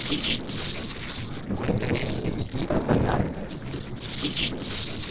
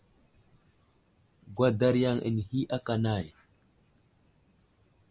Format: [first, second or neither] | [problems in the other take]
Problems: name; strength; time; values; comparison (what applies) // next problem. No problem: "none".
second | noise reduction (neural separator model SepFormer DNS4)